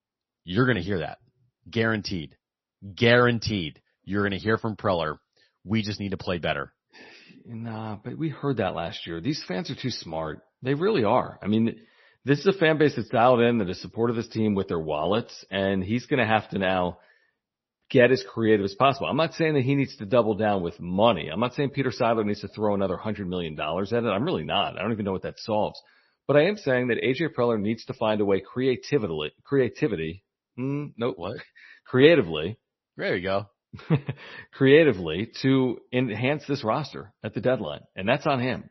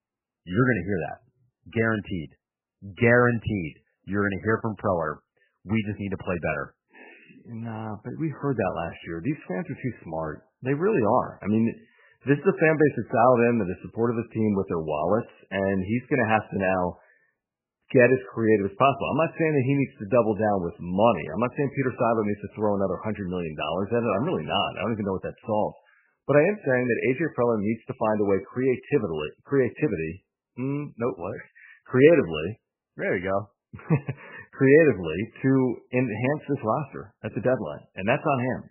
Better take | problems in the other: first | garbled, watery; badly; nothing above 3 kHz; slightly in the first

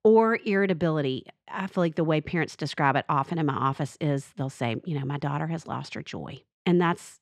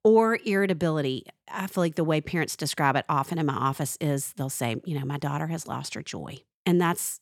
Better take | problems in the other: second | muffled; slightly; fading above 3.5 kHz

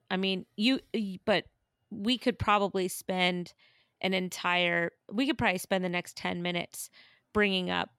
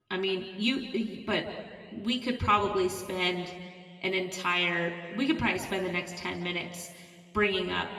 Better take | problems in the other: first | room echo; slight; dies away in 1.6 s // off-mic speech; somewhat distant

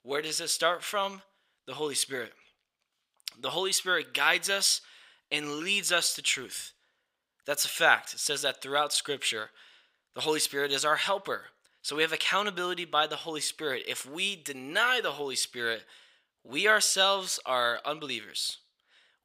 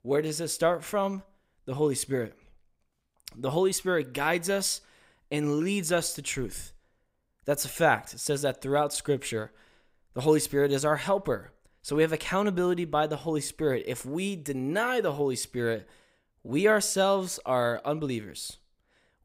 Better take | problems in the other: second | thin; somewhat; fading below 900 Hz

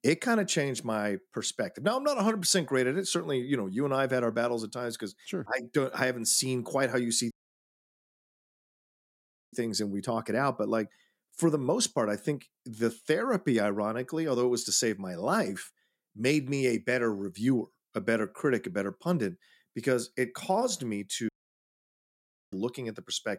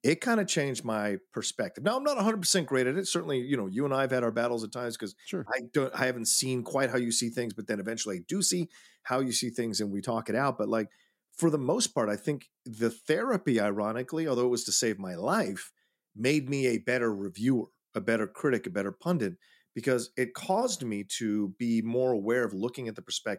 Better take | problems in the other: second | audio cutting out; at 7.5 s for 2 s and at 21 s for 1 s

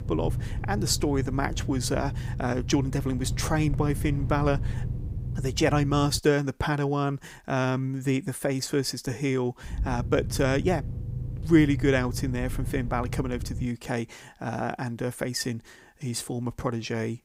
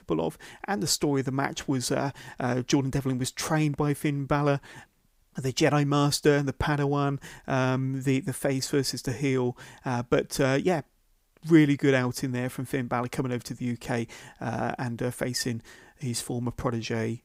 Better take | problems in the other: second | low rumble; noticeable; until 6 s and from 9.5 to 14 s; 15 dB below the speech

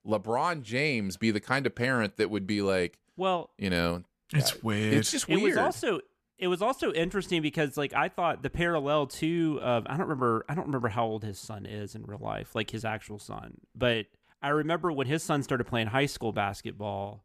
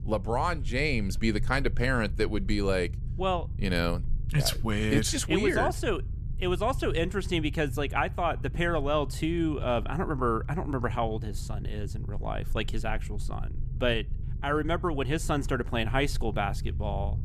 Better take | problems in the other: first | low rumble; faint; throughout; 20 dB below the speech

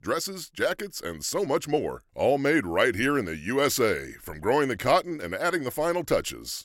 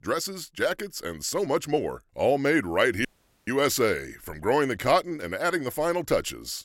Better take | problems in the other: first | audio cutting out; at 3 s

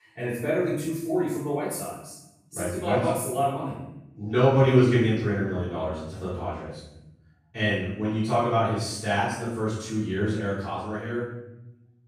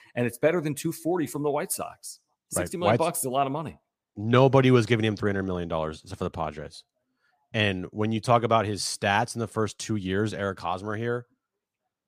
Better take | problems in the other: second | off-mic speech; far // room echo; strong; dies away in 0.9 s

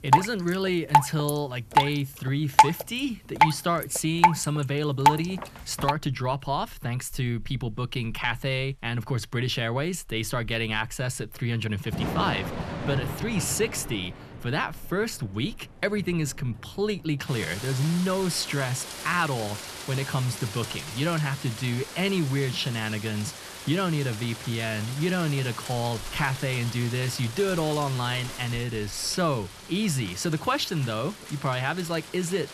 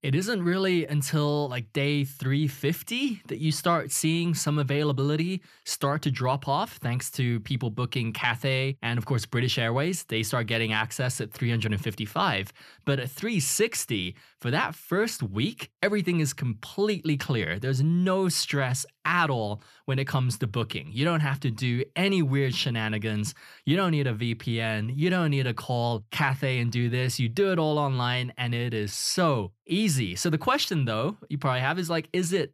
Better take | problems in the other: second | rain or running water; loud; throughout; 2 dB below the speech

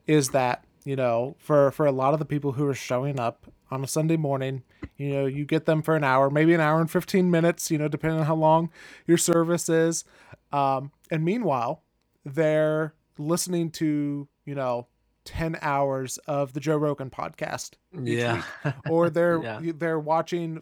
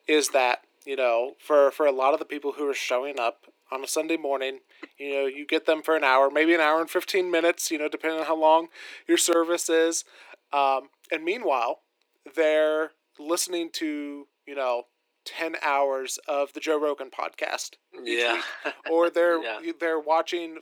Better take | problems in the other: first | thin; very; fading below 350 Hz

